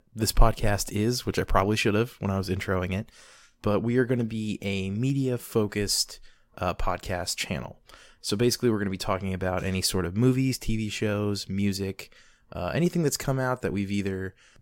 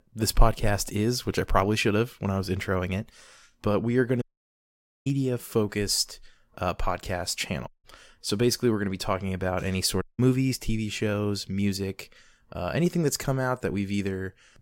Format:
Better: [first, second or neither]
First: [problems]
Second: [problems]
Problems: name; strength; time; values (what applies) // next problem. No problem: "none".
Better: first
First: none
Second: audio cutting out; at 4 s for 1 s, at 7.5 s and at 10 s